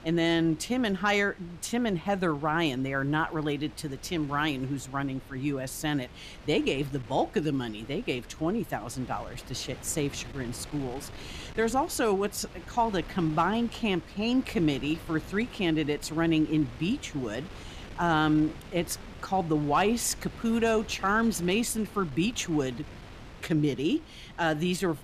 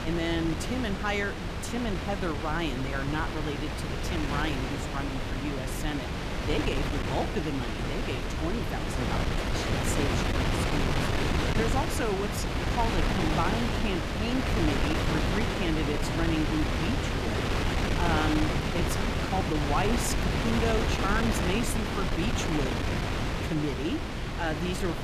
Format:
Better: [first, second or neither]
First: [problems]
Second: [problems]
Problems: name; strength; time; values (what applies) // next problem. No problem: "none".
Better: first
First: wind noise on the microphone; occasional gusts; 20 dB below the speech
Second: wind noise on the microphone; heavy; 2 dB above the speech